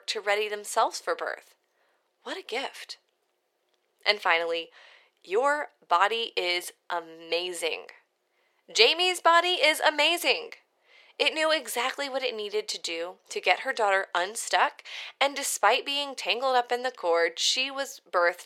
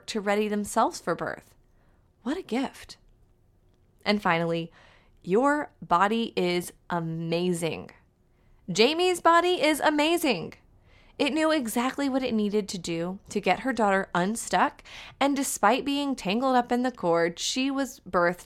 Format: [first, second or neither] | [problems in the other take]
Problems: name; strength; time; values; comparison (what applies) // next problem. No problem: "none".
second | thin; very; fading below 450 Hz